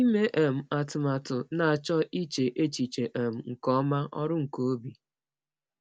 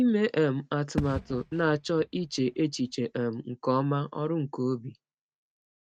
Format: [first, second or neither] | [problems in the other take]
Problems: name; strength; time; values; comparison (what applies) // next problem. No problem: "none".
first | noise reduction (neural mask model RNNoise)